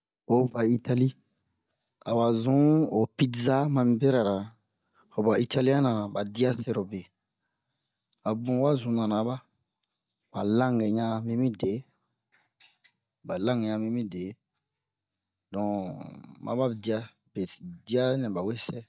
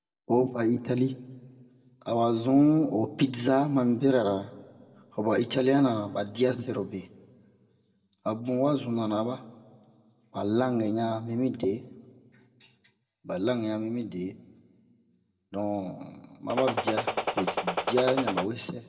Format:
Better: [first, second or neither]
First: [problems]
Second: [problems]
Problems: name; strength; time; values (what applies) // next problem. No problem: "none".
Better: first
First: none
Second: background sound (Gunshot, gunfire); 1 dB below the speech // room echo; dies away in 1 s